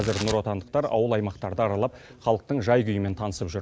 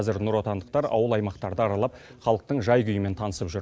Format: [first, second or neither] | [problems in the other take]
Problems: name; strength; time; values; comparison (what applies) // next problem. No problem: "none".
second | background sound (Tearing); 17 dB below the speech